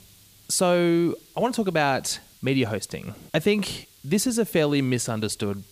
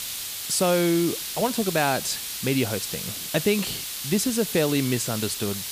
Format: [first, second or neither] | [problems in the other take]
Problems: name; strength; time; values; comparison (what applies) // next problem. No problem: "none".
first | hiss; loud; throughout; 5 dB below the speech; faint in the first